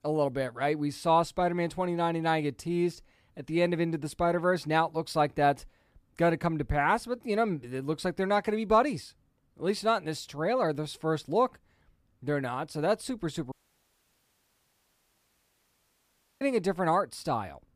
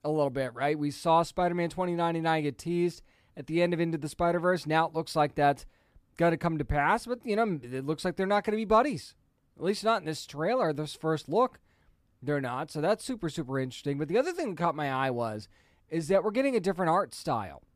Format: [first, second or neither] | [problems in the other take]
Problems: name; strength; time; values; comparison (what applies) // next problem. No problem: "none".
second | audio cutting out; at 14 s for 3 s